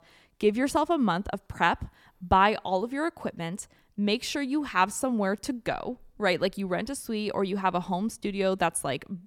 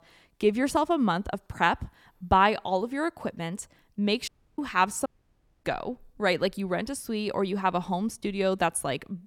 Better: first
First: none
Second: audio cutting out; at 4.5 s and at 5 s for 0.5 s

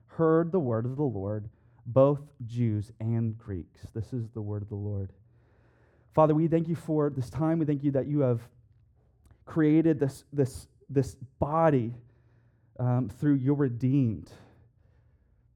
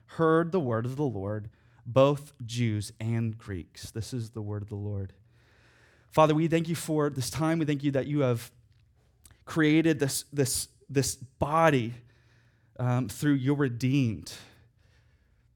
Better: second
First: muffled; very; fading above 1.5 kHz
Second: none

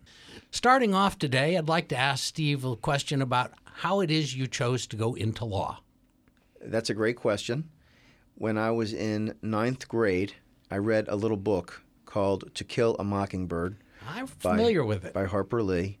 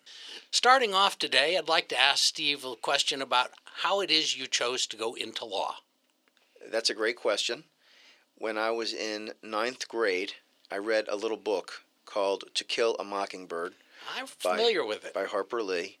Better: first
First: none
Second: thin; very; fading below 400 Hz

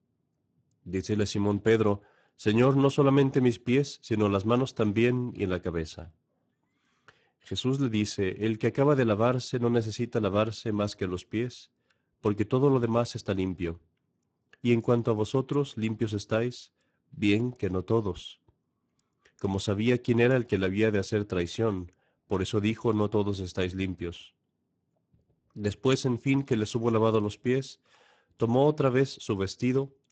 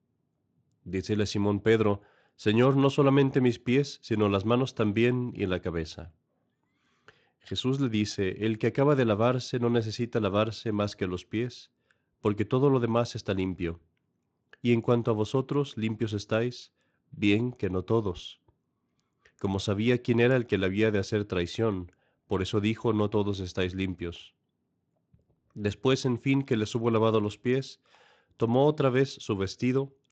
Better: second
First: garbled, watery; badly; nothing above 8 kHz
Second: garbled, watery; slightly; nothing above 7.5 kHz

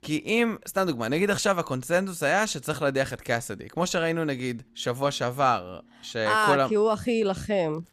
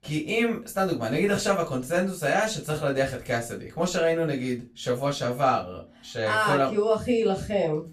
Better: first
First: none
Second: off-mic speech; far // room echo; very slight; dies away in 0.2 s

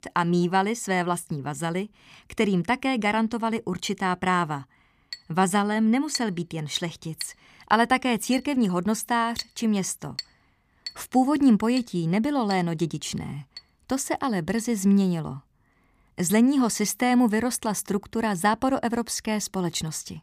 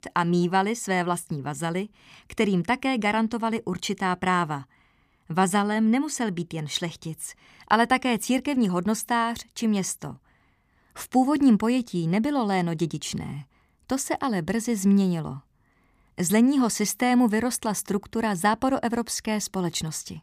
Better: second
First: clattering dishes; noticeable; from 5 to 15 s; peak 8 dB below the speech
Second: none

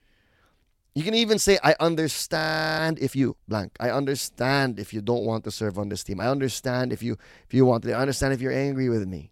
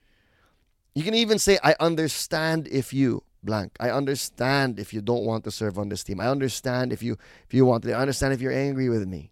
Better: second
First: audio freezing; at 2.5 s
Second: none

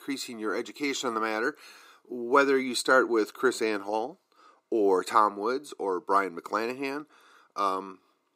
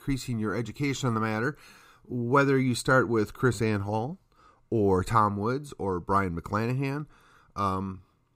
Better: second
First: thin; somewhat; fading below 300 Hz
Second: none

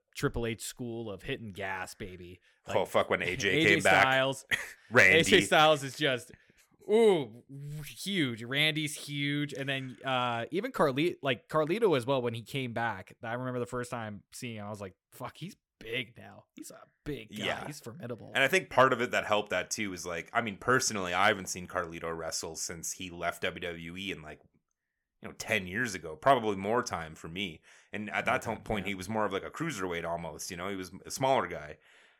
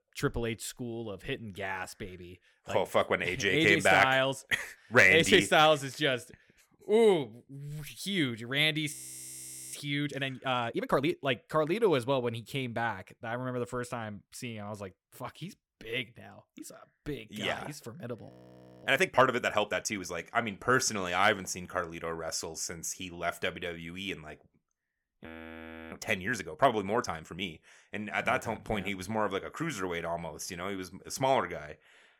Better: first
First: none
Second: audio freezing; at 9 s for 1 s, at 18 s for 0.5 s and at 25 s for 0.5 s

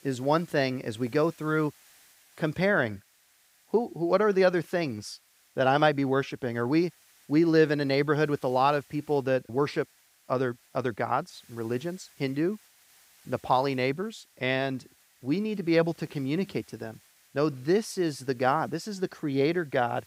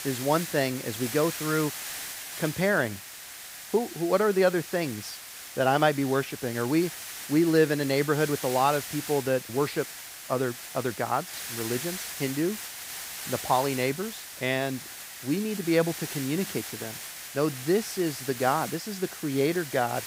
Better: first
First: hiss; faint; throughout; 30 dB below the speech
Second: hiss; loud; throughout; 9 dB below the speech

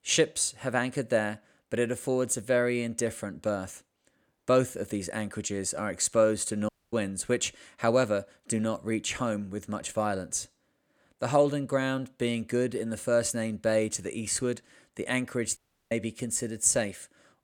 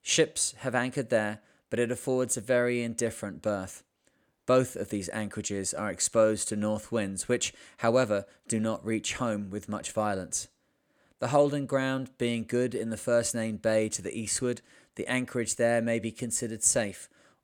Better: second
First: audio cutting out; at 6.5 s and at 16 s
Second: none

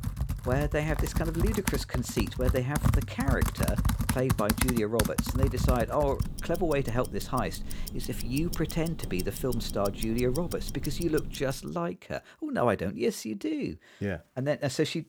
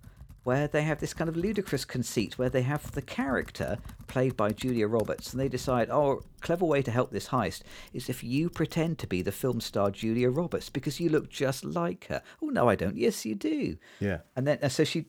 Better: second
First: household noises; loud; until 11 s; 2 dB below the speech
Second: household noises; faint; until 11 s; 20 dB below the speech

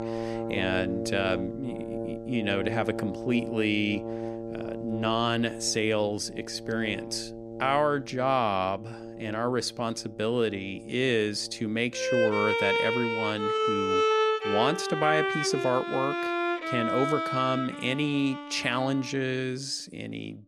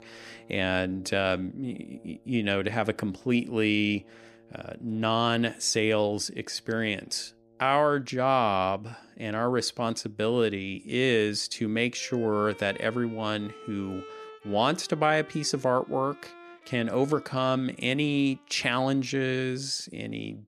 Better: second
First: background music; loud; throughout; 2 dB below the speech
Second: background music; faint; throughout; 25 dB below the speech

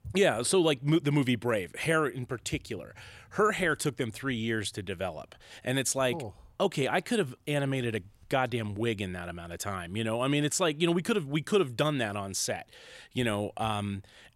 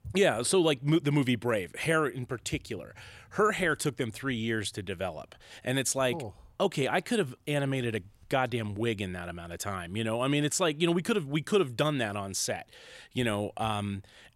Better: neither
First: none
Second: none

